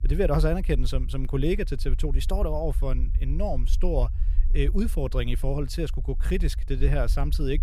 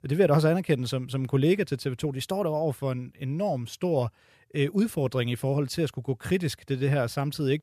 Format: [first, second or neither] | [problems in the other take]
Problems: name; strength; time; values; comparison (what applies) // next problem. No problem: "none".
second | low rumble; noticeable; throughout; 20 dB below the speech